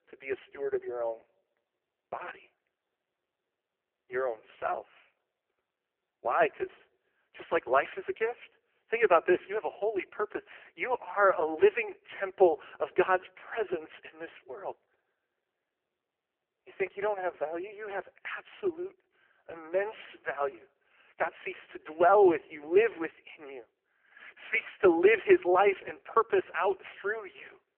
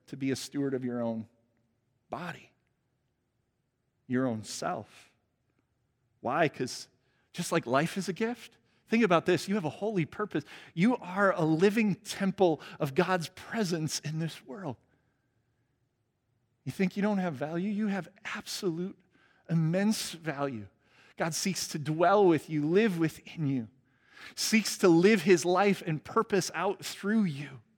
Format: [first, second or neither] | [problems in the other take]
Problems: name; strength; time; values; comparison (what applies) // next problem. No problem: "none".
second | phone-call audio; poor line